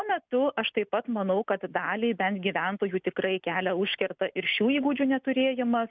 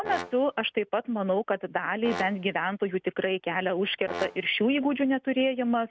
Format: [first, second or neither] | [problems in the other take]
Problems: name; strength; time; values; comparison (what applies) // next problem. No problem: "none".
first | background sound (Brass instrument); 15 dB below the speech